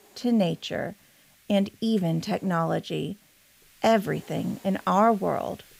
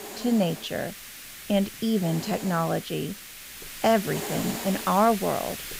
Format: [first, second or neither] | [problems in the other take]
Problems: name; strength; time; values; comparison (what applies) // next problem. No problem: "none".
first | hiss; loud; throughout; 10 dB below the speech; faint in the first